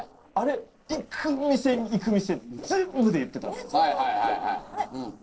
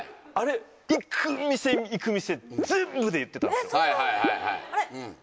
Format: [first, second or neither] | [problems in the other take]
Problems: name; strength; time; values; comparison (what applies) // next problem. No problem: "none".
second | noise reduction (neural separator model SepFormer DNS4)